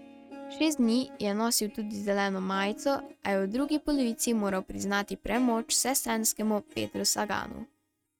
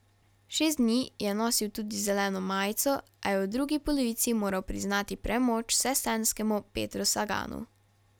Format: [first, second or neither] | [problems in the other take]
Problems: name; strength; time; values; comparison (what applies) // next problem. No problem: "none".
second | noise reduction (neural mask model RNNoise)